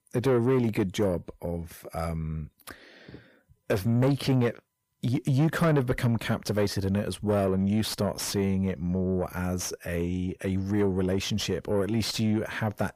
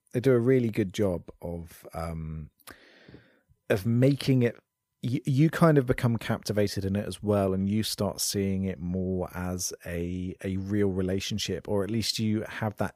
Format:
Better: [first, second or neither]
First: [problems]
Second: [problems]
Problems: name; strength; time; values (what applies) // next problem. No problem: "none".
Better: second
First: distortion; slight; 10 dB below the speech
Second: none